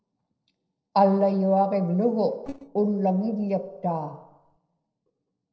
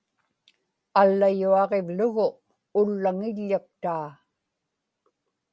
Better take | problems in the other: second | noise reduction (neural separator model SepFormer DNS4)

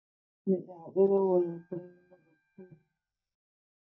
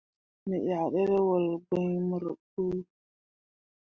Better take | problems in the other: second | noise reduction (neural mask model DeepFilterNet 3)

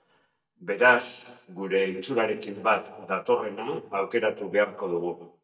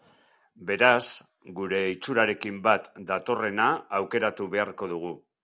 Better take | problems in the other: second | noise reduction (neural mask model DeepFilterNet 3)

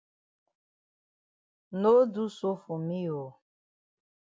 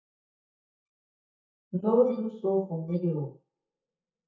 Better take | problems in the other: first | noise reduction (neural mask model DeepFilterNet 3)

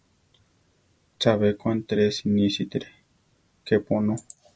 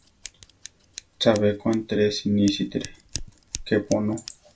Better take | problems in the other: first | background sound (Scissors); 16 dB below the speech // room echo; dies away in 0.2 s

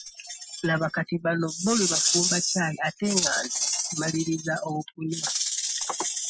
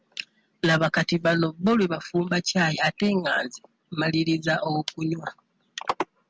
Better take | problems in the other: second | noise reduction (classical method Wiener filter)

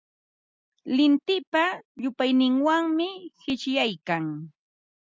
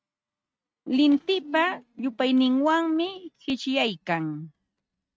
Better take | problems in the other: first | noise reduction (neural mask model RNNoise)

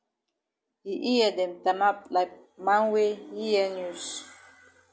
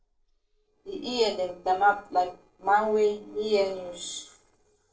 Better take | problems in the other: first | noise reduction (neural separator model SepFormer DNS4)

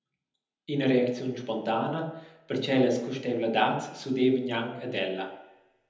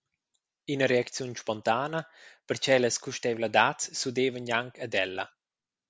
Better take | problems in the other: second | room echo; dies away in 0.9 s

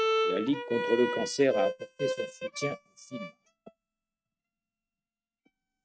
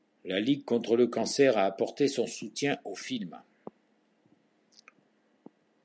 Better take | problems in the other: second | noise reduction (neural mask model RNNoise)

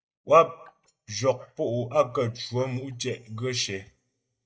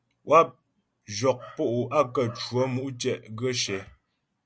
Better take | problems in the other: second | noise reduction (neural mask model DeepFilterNet 3)

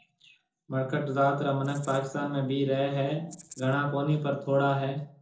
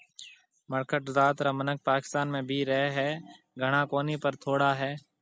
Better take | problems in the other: second | noise reduction (neural separator model SepFormer DNS4)

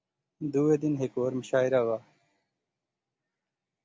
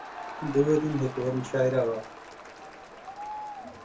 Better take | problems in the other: first | background sound (Crowd); 12 dB below the speech // room echo; dies away in 0.3 s

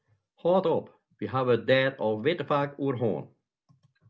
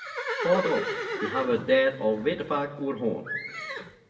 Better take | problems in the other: first | background sound (Livestock, farm animals, working animals); 7 dB below the speech // room echo; dies away in 1.1 s

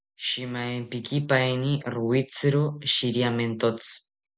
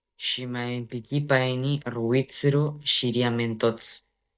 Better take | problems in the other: first | noise reduction (neural mask model DeepFilterNet 3)

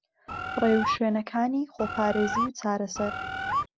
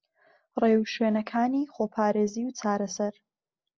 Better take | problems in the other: second | background sound (Bird); 2 dB below the speech

